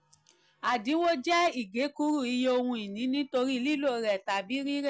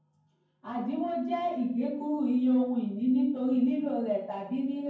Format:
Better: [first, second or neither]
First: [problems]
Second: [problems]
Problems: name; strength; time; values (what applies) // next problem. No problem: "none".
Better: first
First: none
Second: room echo; dies away in 0.9 s